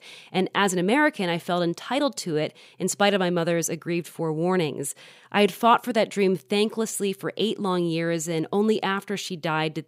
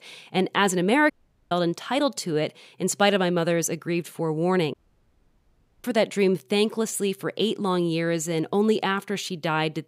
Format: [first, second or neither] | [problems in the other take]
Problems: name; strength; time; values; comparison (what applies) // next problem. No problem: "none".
first | audio cutting out; at 1 s and at 4.5 s for 1 s